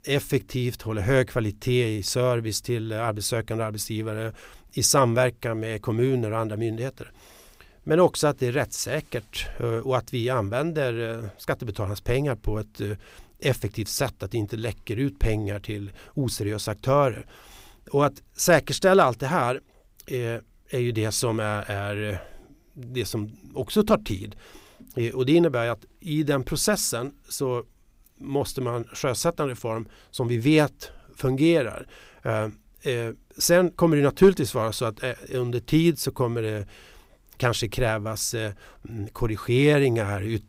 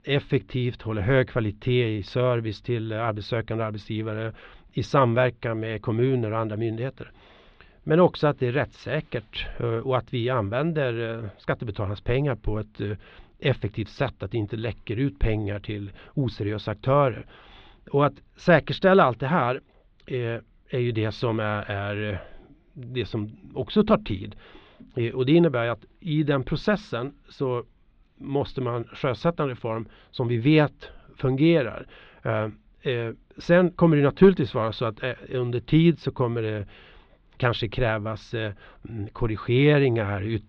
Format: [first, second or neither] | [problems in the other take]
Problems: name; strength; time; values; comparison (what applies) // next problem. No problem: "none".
first | muffled; very; fading above 3.5 kHz